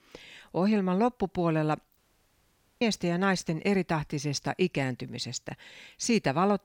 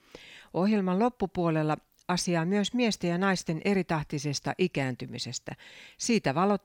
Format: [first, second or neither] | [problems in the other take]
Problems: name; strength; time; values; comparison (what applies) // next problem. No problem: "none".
second | audio cutting out; at 2 s for 1 s